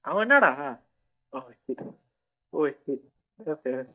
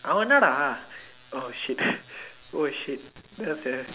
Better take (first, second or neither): second